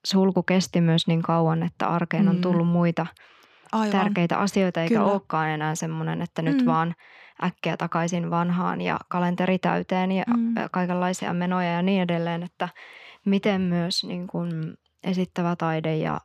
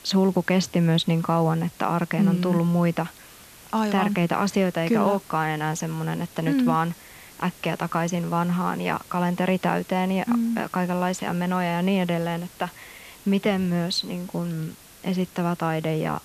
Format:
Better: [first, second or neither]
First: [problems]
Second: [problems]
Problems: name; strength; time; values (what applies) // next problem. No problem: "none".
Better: first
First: none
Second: hiss; faint; throughout; 20 dB below the speech